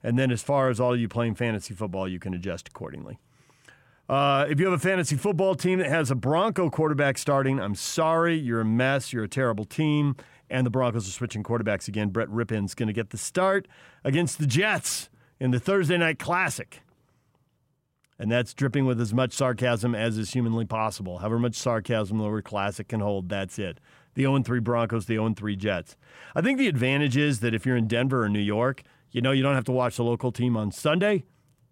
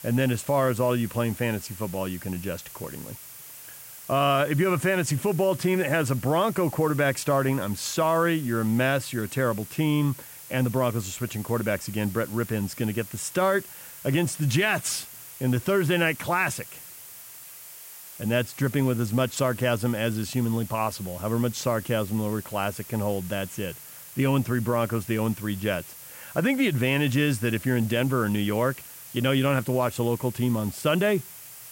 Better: first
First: none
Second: hiss; noticeable; throughout; 15 dB below the speech

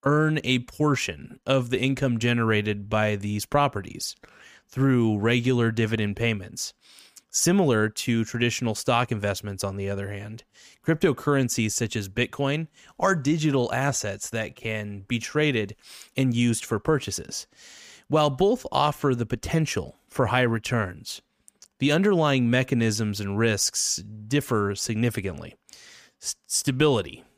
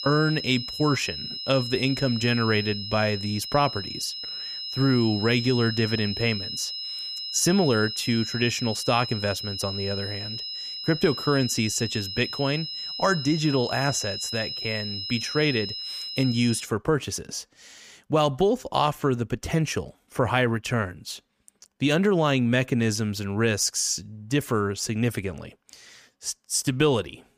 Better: first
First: none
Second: high-pitched whine; loud; until 17 s; 5 kHz, 6 dB below the speech

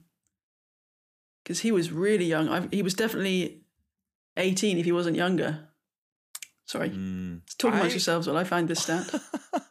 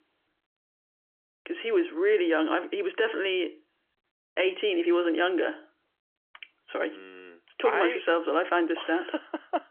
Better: first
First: none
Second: phone-call audio; nothing above 3.5 kHz

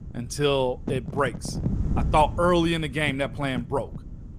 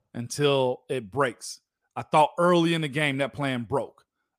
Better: second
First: wind noise on the microphone; occasional gusts; 15 dB below the speech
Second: none

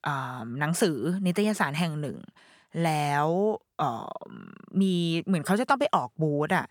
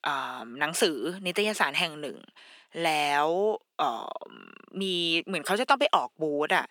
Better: first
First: none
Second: thin; somewhat; fading below 300 Hz

